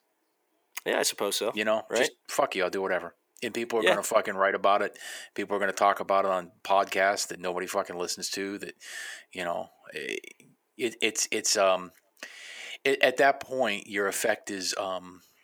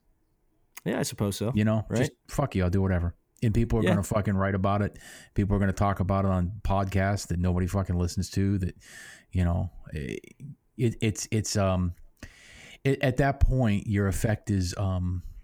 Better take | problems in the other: second | thin; very; fading below 400 Hz

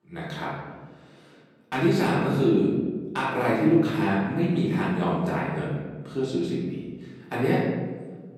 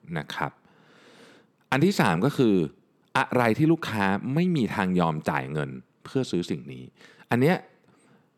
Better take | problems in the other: second | room echo; noticeable; dies away in 1.4 s // off-mic speech; far

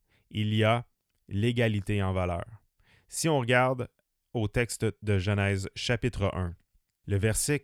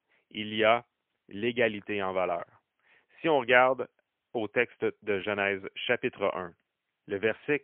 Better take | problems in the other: first | phone-call audio; poor line; nothing above 3.5 kHz

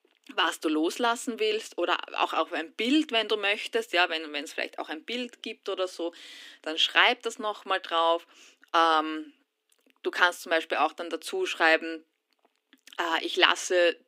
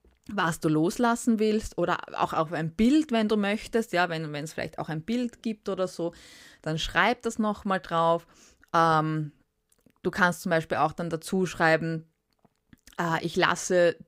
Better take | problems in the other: second | thin; somewhat; fading below 250 Hz

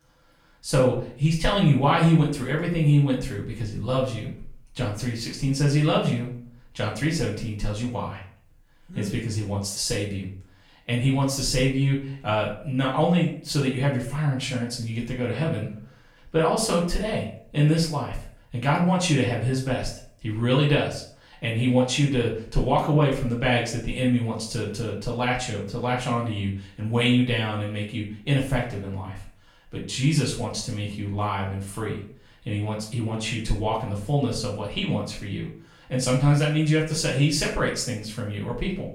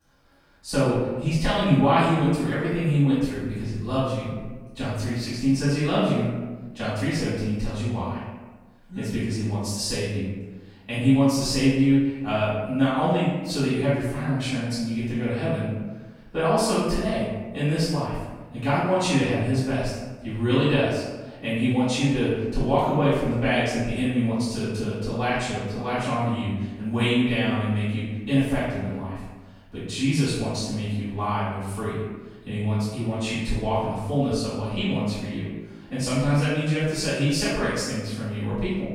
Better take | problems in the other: first | room echo; strong; dies away in 1.1 s; slight in the first // off-mic speech; far; far in the first

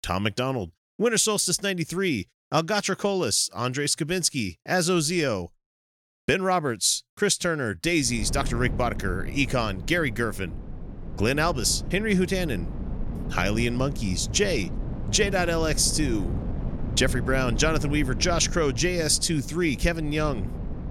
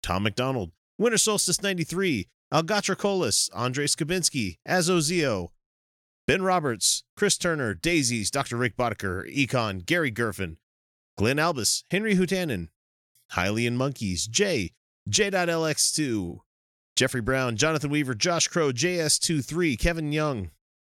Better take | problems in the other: second | wind noise on the microphone; occasional gusts; from 8 s on; 15 dB below the speech

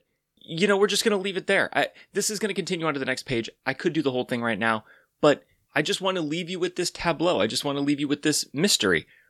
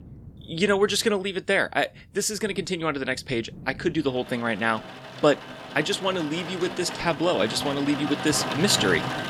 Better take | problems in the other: first | rain or running water; loud; throughout; 9 dB below the speech

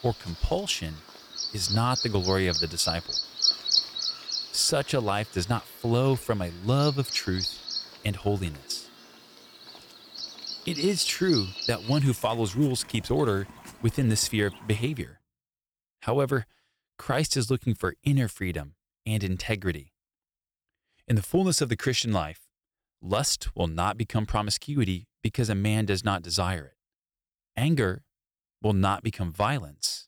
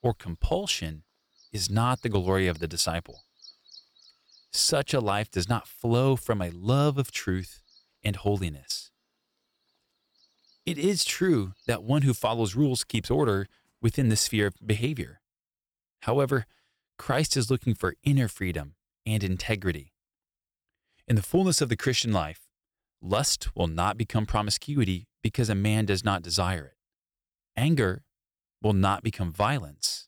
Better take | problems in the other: second | animal sounds; loud; until 15 s; 2 dB below the speech; faint in the second

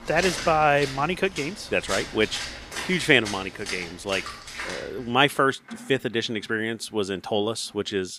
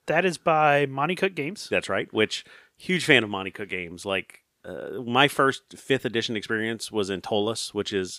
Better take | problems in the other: second | rain or running water; loud; throughout; 9 dB below the speech

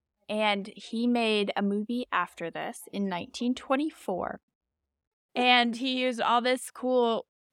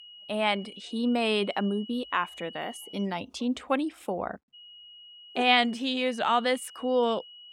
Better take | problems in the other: first | high-pitched whine; noticeable; until 3 s and from 4.5 s on; 3 kHz, 20 dB below the speech

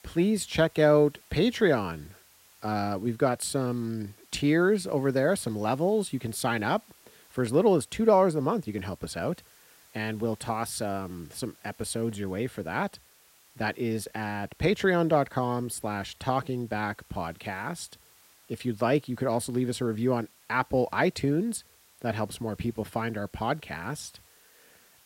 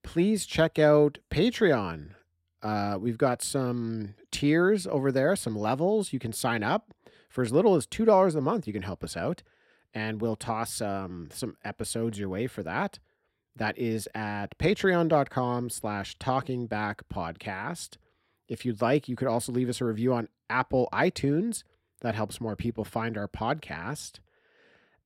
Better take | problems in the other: second | hiss; faint; throughout; 30 dB below the speech

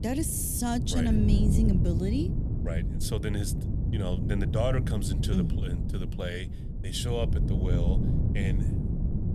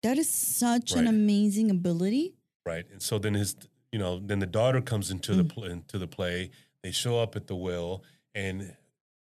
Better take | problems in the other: second | wind noise on the microphone; heavy; 6 dB below the speech

